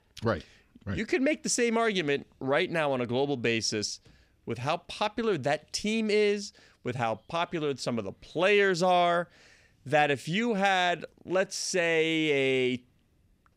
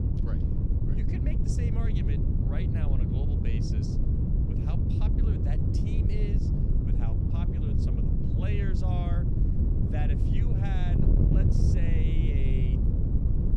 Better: first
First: none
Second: wind noise on the microphone; heavy; 5 dB above the speech

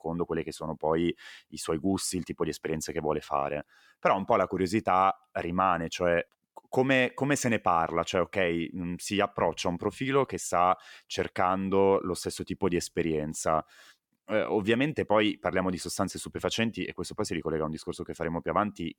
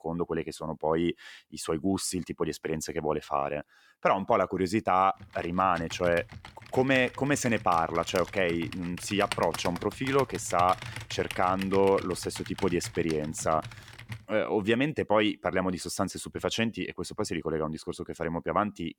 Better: first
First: none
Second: keyboard typing; noticeable; from 5 to 14 s; peak 6 dB below the speech

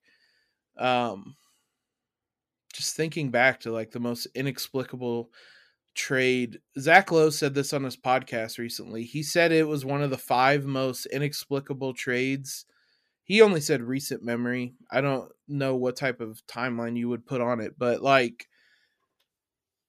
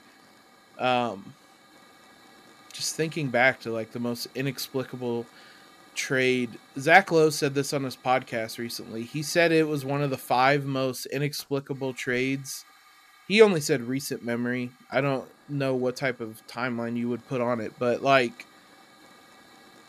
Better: first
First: none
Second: hiss; faint; throughout; 25 dB below the speech

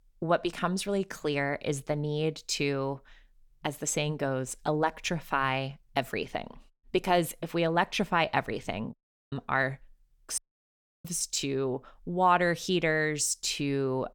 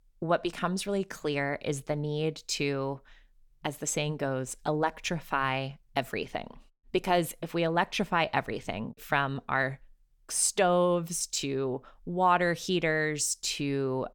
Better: second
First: audio cutting out; at 9 s and at 10 s for 0.5 s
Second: none

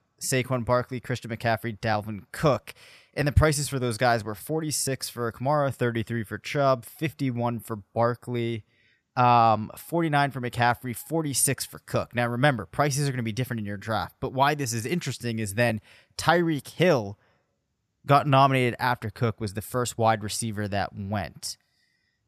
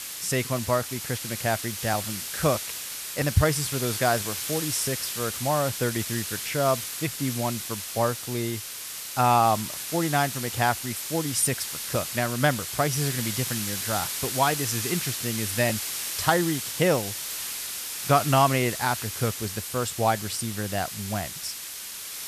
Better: first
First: none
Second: hiss; loud; throughout; 4 dB below the speech

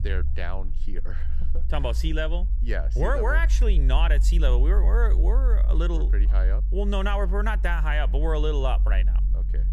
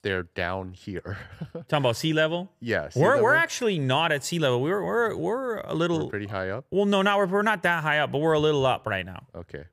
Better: second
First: low rumble; noticeable; throughout; 15 dB below the speech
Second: none

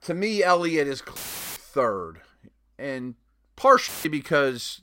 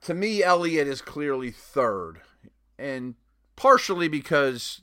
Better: second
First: audio cutting out; filled with static; at 1 s and at 4 s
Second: none

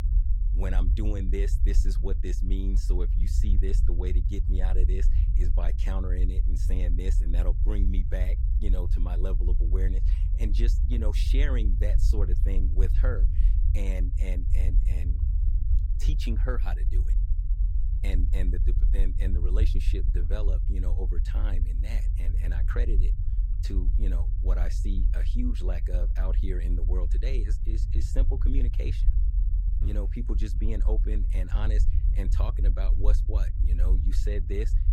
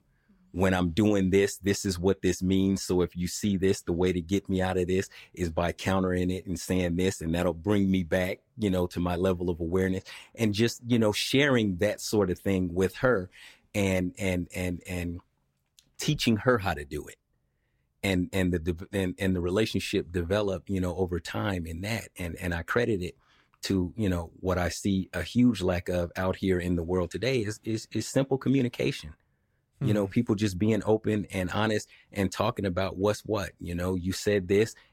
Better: second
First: low rumble; loud; throughout; 7 dB below the speech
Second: none

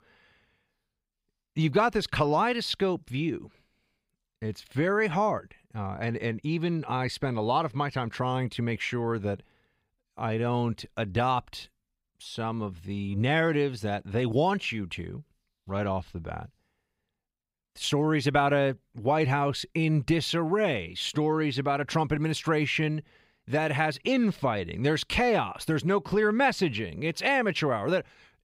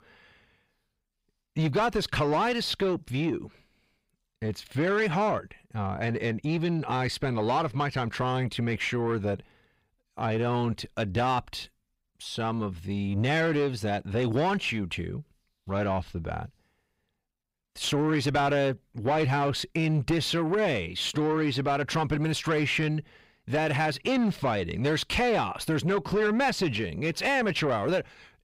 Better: first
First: none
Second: distortion; slight; 10 dB below the speech

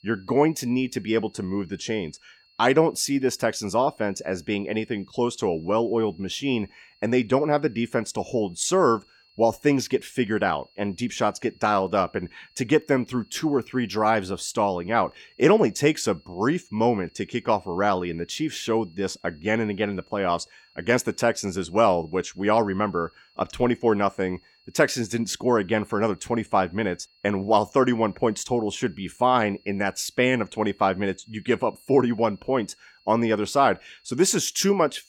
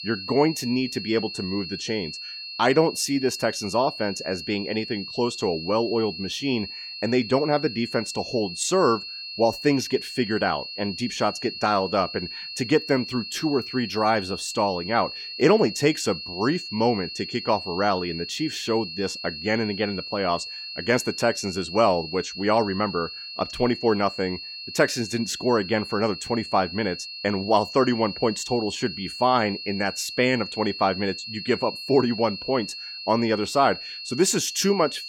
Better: first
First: high-pitched whine; faint; throughout; 4.5 kHz, 35 dB below the speech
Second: high-pitched whine; loud; throughout; 4.5 kHz, 9 dB below the speech

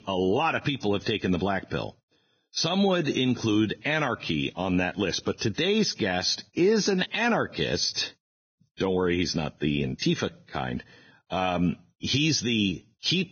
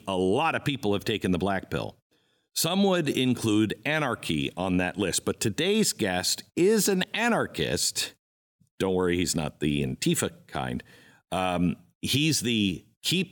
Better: second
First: garbled, watery; badly; nothing above 6.5 kHz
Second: none

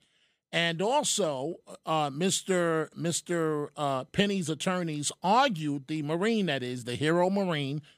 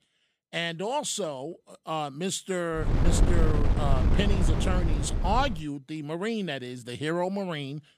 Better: first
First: none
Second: wind noise on the microphone; heavy; from 3 to 5.5 s; 5 dB below the speech

